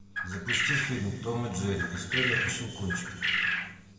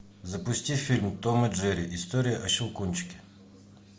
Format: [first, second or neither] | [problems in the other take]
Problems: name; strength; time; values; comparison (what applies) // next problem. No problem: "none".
second | background sound (Bird); 2 dB above the speech // room echo; dies away in 2.2 s